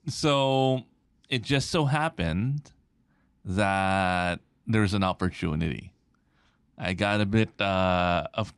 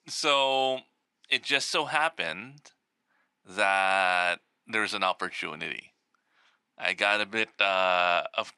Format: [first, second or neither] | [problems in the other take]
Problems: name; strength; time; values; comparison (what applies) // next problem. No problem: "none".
first | thin; very; fading below 600 Hz